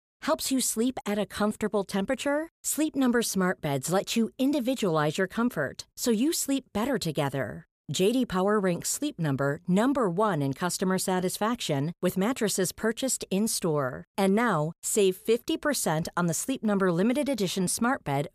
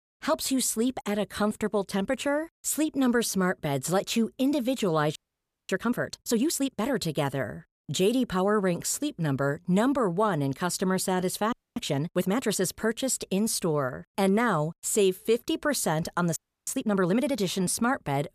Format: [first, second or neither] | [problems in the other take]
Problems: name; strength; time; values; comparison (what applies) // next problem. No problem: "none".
first | audio freezing; at 5 s for 0.5 s, at 12 s and at 16 s